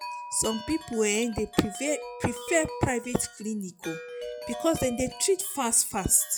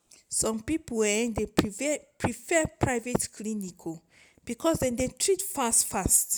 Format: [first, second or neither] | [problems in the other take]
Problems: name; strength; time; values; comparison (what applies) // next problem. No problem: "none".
second | noise reduction (classical method log-MMSE)